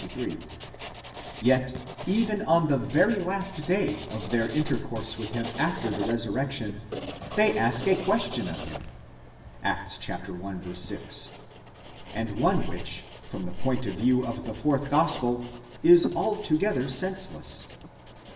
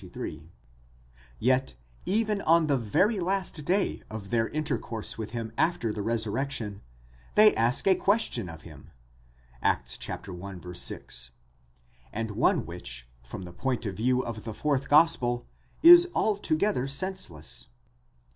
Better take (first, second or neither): second